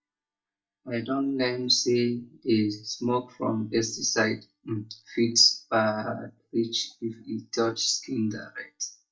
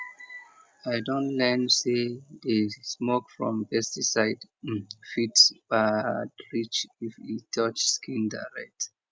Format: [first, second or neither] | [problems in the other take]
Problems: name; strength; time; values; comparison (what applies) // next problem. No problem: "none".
second | noise reduction (neural mask model DeepFilterNet 3)